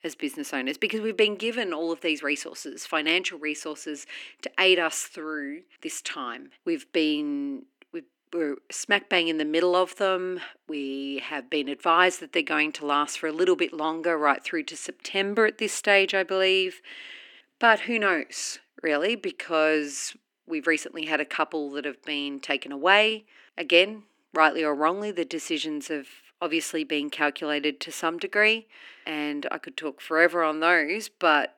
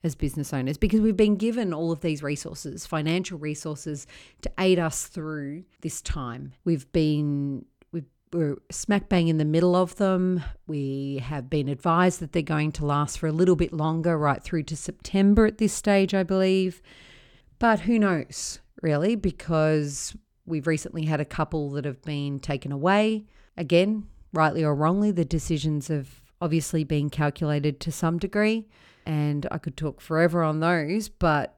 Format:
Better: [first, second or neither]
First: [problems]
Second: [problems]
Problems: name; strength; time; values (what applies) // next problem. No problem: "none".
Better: second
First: thin; somewhat; fading below 250 Hz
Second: none